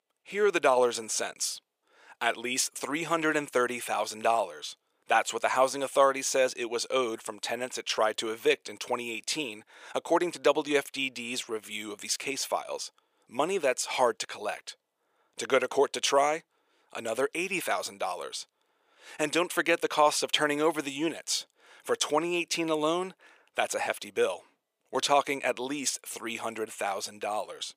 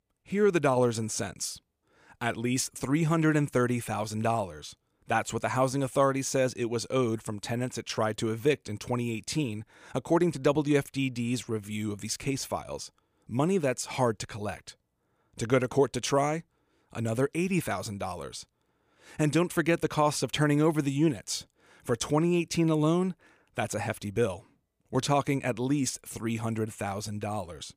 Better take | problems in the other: second | thin; somewhat; fading below 550 Hz

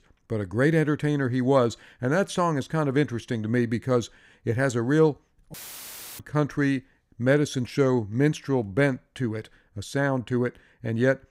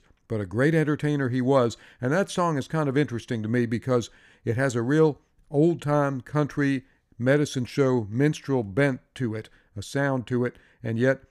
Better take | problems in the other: second | audio cutting out; filled with static; at 5.5 s for 0.5 s

